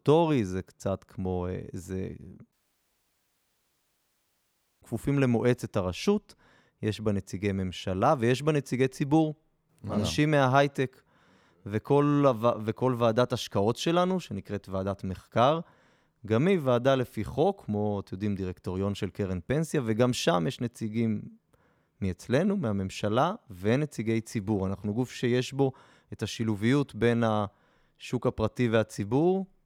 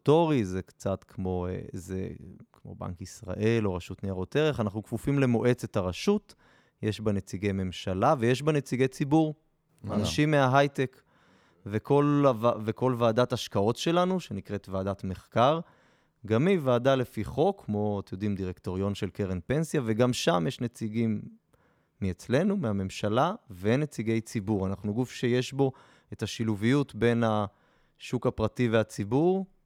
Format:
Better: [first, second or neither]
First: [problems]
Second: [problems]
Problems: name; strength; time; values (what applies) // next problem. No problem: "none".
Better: second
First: audio cutting out; at 2.5 s for 2.5 s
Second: none